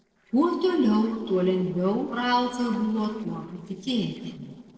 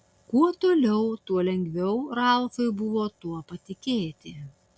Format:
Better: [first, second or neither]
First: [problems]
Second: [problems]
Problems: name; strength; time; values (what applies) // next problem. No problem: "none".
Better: second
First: noise reduction (neural separator model SepFormer DNS4)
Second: none